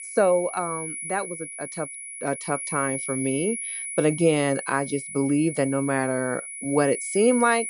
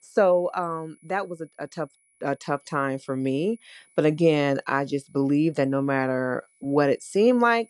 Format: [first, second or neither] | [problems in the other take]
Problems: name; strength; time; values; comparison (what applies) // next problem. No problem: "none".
second | high-pitched whine; loud; throughout; 10.5 kHz, 7 dB below the speech; faint in the second